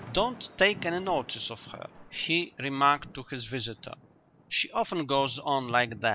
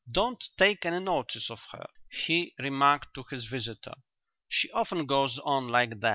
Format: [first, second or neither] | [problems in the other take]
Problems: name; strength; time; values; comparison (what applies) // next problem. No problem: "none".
second | background sound (Thunder / Rain); 20 dB below the speech